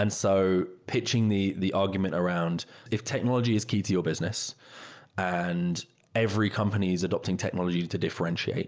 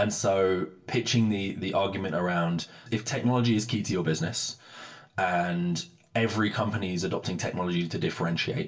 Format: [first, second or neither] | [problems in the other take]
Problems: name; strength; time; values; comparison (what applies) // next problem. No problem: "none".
first | room echo; dies away in 0.2 s